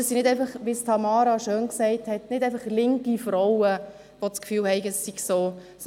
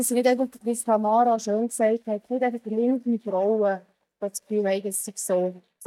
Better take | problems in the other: first | noise reduction (neural mask model DeepFilterNet 3)

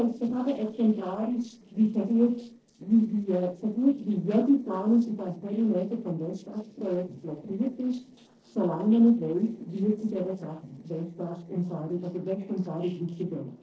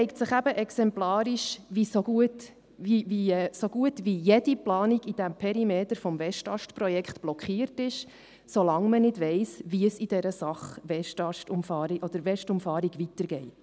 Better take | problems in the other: second | noise reduction (neural separator model SepFormer DNS4)

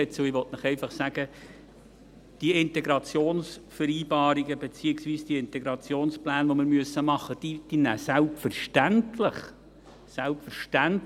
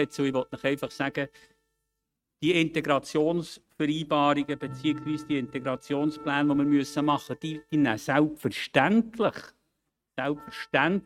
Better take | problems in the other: first | noise reduction (neural mask model RNNoise)

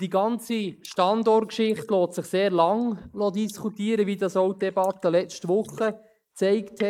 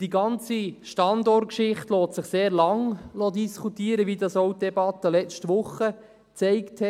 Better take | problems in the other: second | noise reduction (neural mask model Resemble Enhance denoiser)

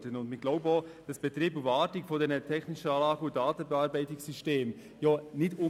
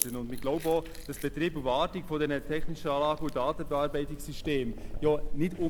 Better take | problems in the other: first | background sound (Chewing, mastication); 4 dB below the speech

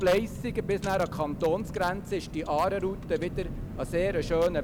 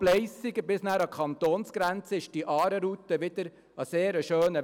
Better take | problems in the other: second | background sound (Car); 8 dB below the speech

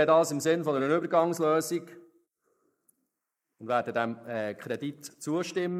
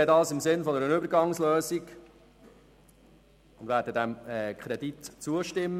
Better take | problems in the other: second | noise reduction (neural mask model Resemble Enhance denoiser)

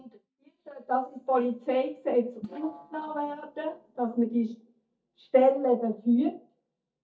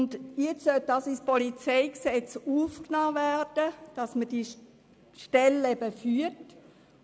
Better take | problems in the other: second | noise reduction (neural mask model DeepFilterNet 3)

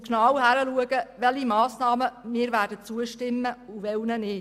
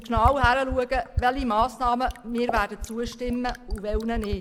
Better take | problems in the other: first | background sound (Fill (with liquid)); 7 dB below the speech

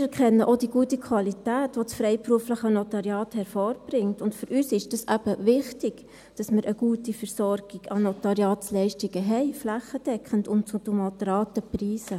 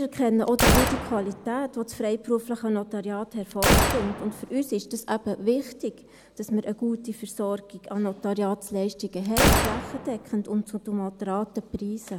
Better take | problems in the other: first | background sound (Gunshot, gunfire); 1 dB above the speech

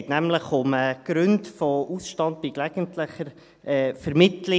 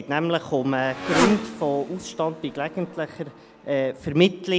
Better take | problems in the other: first | background sound (Motorcycle); 7 dB below the speech

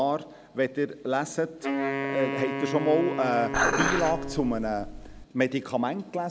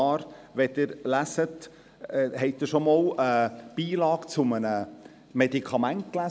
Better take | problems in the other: second | background sound (Dishes, pots, and pans + Wind instrument, woodwind instrument); 2 dB below the speech

